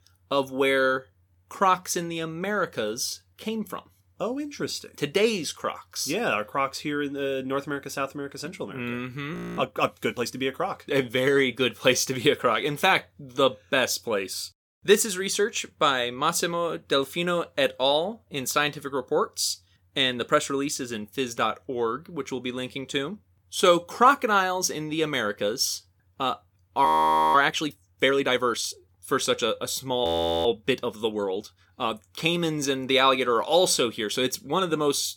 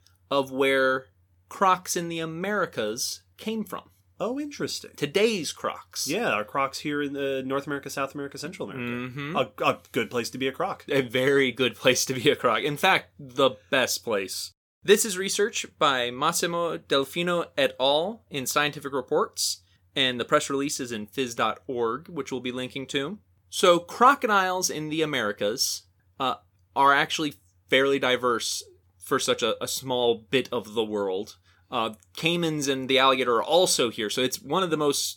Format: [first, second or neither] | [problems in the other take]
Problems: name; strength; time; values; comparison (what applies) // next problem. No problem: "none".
second | audio freezing; at 9.5 s, at 27 s and at 30 s